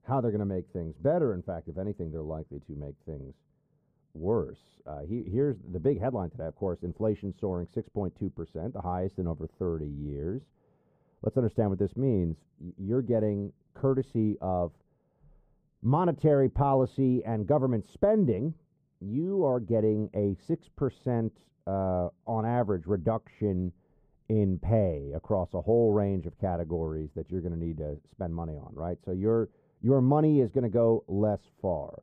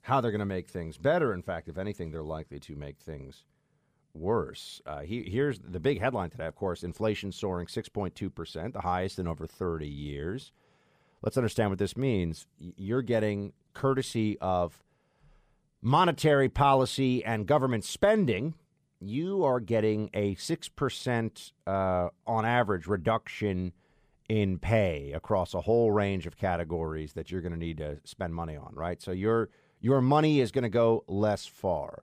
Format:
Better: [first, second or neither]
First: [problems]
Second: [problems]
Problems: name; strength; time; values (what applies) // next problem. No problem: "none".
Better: second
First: muffled; very; fading above 1.5 kHz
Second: none